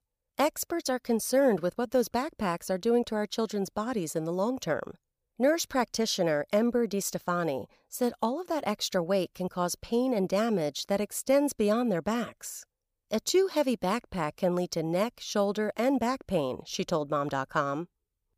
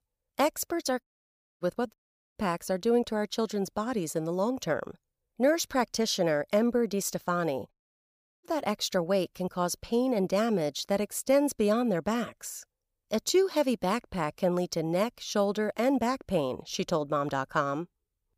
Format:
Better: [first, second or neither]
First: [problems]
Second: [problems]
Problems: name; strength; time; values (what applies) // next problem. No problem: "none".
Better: first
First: none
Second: audio cutting out; at 1 s for 0.5 s, at 2 s and at 7.5 s for 0.5 s